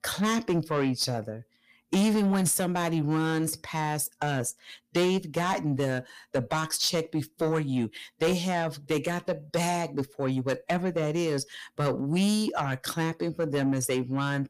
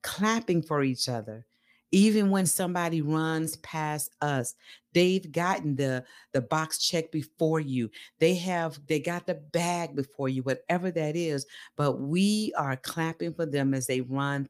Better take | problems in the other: second | distortion; slight; 10 dB below the speech

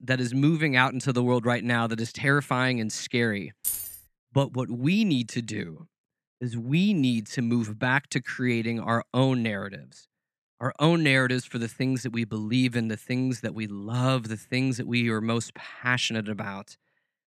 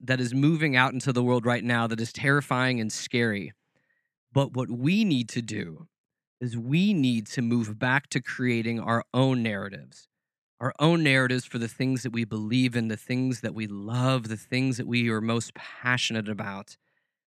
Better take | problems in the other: second | jangling keys; noticeable; at 3.5 s; peak 3 dB below the speech

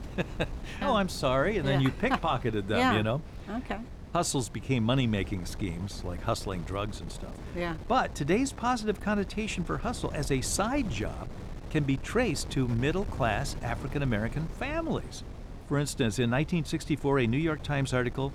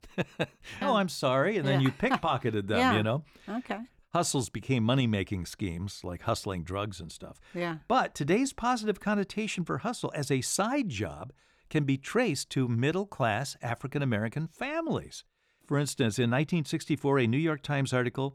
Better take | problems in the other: second | wind noise on the microphone; occasional gusts; 15 dB below the speech

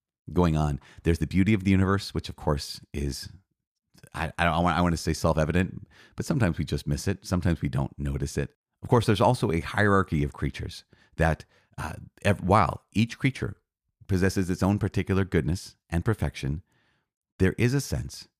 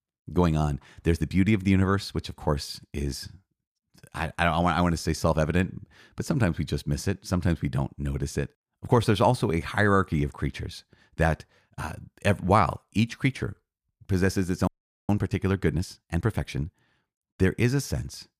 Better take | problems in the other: first | audio freezing; at 15 s

